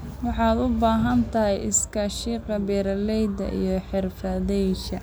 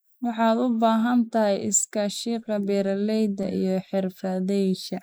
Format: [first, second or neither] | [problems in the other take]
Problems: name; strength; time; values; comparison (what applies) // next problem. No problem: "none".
first | noise reduction (neural mask model Resemble Enhance denoiser)